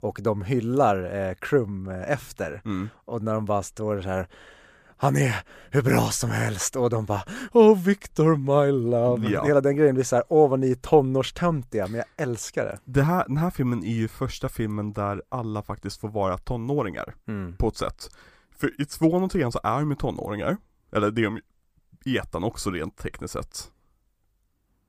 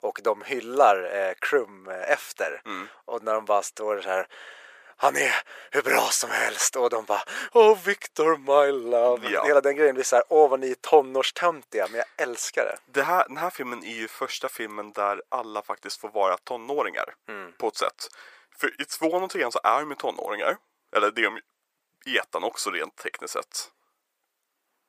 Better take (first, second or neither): first